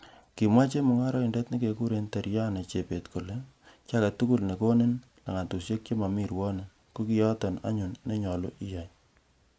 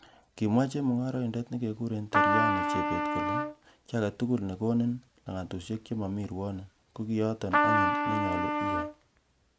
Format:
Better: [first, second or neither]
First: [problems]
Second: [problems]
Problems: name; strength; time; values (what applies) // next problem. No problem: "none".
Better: first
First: none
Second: background sound (Trumpet); 4 dB above the speech